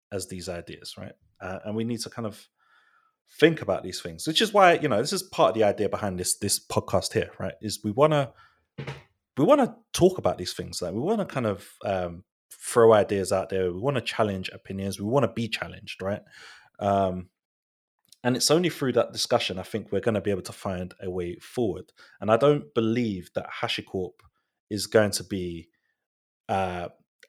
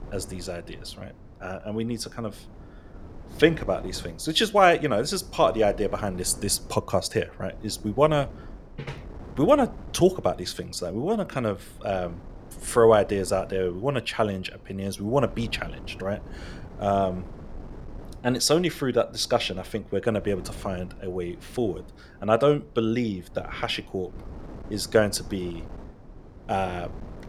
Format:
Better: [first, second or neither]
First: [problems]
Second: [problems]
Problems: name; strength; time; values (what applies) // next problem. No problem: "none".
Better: first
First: none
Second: wind noise on the microphone; occasional gusts; 25 dB below the speech